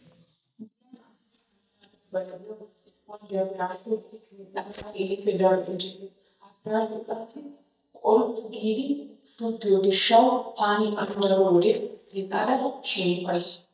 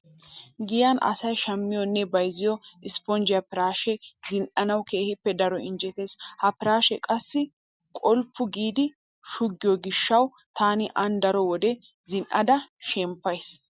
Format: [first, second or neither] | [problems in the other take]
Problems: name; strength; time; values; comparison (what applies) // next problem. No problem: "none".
second | noise reduction (neural mask model DeepFilterNet 3)